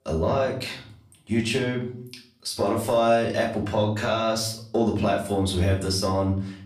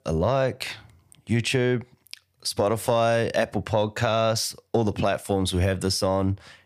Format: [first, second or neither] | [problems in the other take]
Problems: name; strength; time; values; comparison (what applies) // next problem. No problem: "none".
second | room echo; slight; dies away in 0.4 s // off-mic speech; far